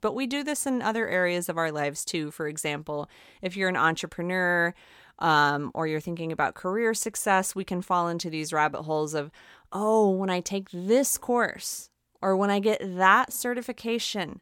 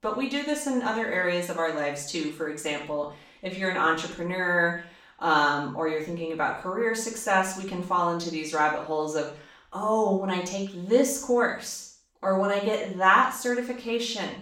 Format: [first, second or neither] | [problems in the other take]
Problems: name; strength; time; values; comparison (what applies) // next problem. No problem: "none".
first | room echo; noticeable; dies away in 0.5 s // off-mic speech; far